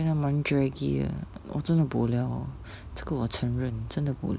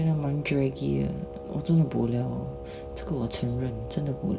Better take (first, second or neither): first